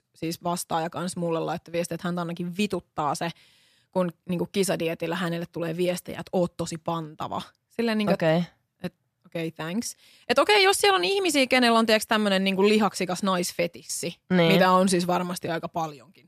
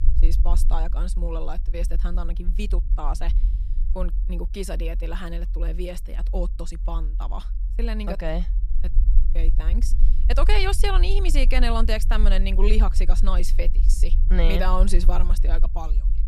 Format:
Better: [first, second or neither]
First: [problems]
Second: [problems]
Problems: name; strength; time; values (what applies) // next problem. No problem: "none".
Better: first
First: none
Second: low rumble; noticeable; throughout; 15 dB below the speech